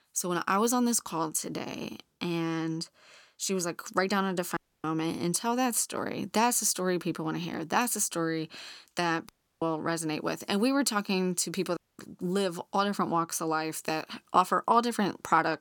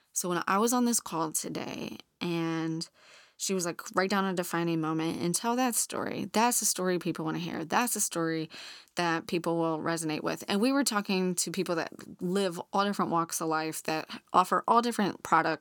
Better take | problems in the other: second | audio cutting out; at 4.5 s, at 9.5 s and at 12 s

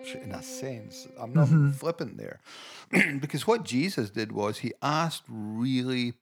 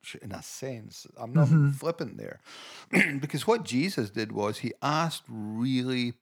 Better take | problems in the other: second | background music; noticeable; until 1.5 s; 20 dB below the speech

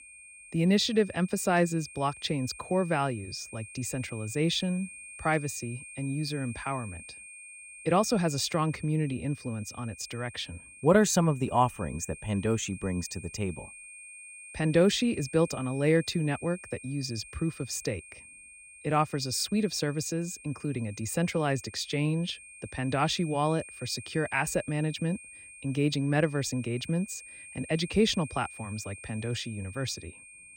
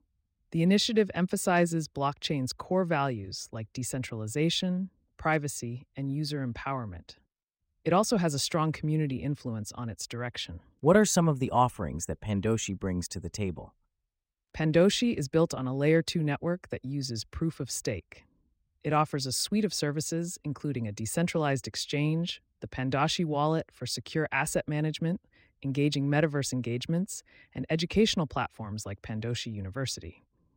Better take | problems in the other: second | high-pitched whine; noticeable; throughout; 2.5 kHz, 15 dB below the speech

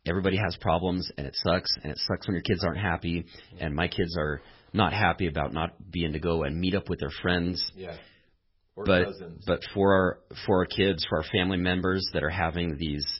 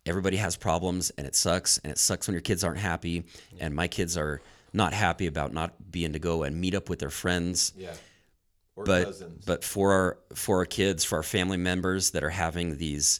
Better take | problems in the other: second | garbled, watery; badly; nothing above 5.5 kHz

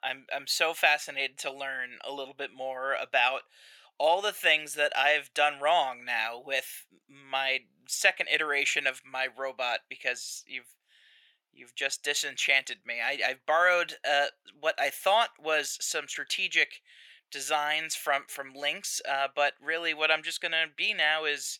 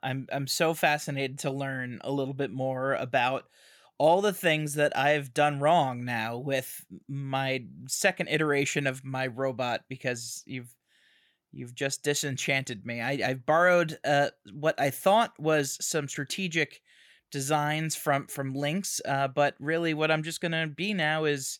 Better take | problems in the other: second | thin; very; fading below 650 Hz

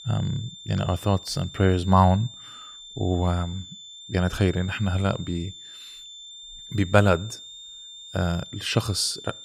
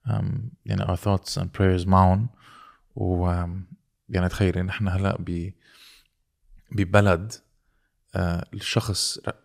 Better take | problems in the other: second | high-pitched whine; noticeable; throughout; 3.5 kHz, 15 dB below the speech

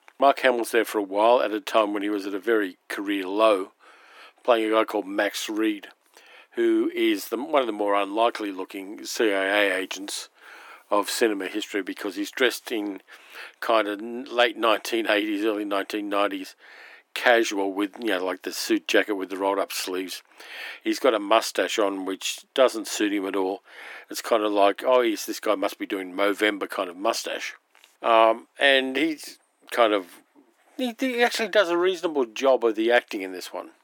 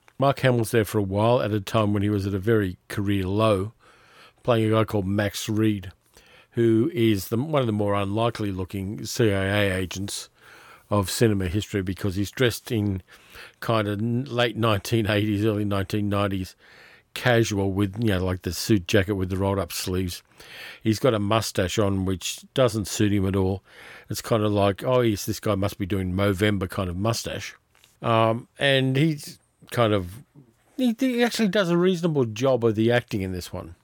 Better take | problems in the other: second | thin; somewhat; fading below 300 Hz

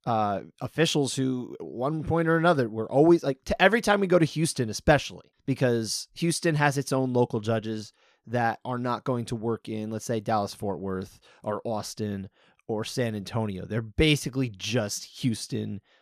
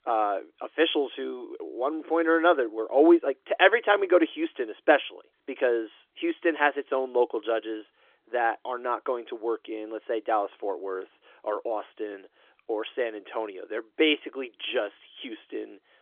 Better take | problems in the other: first | phone-call audio; nothing above 3.5 kHz

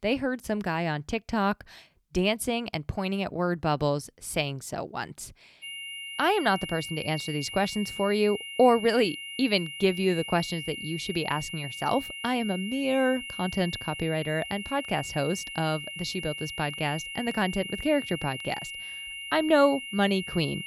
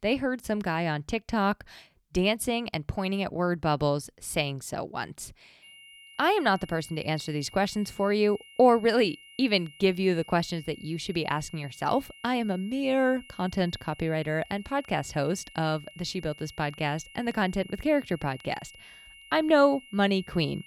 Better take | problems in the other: second | high-pitched whine; loud; from 5.5 s on; 3 kHz, 8 dB below the speech; faint in the second

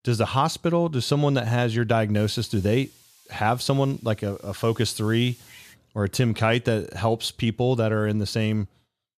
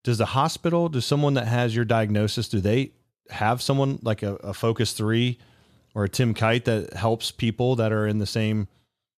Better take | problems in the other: second | hiss; faint; from 2 to 5.5 s; 25 dB below the speech

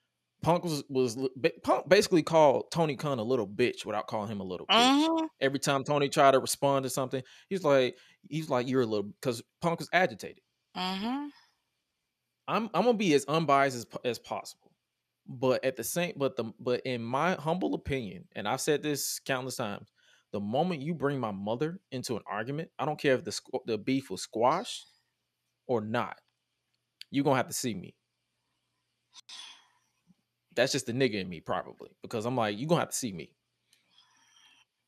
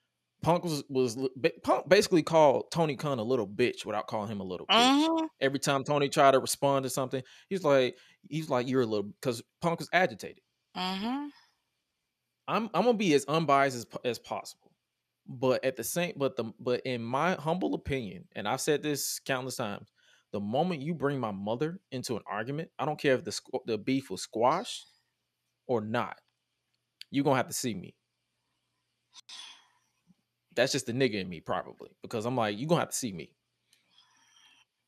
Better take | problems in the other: neither | none

